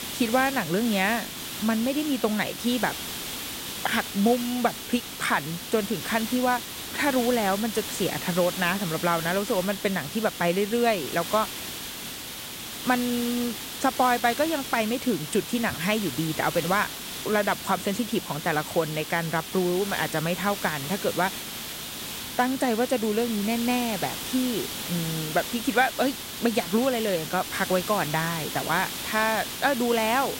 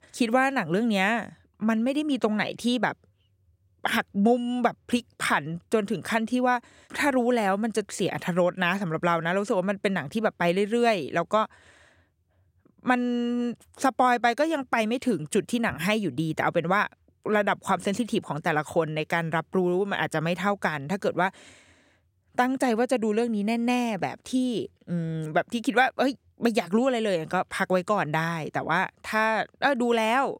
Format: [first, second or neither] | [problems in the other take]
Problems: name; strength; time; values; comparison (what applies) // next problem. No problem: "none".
second | hiss; loud; throughout; 6 dB below the speech